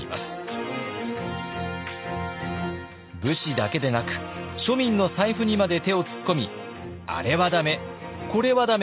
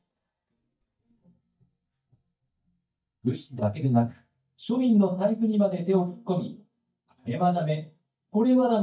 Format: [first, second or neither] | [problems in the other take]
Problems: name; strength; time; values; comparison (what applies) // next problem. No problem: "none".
first | noise reduction (neural mask model DeepFilterNet 3)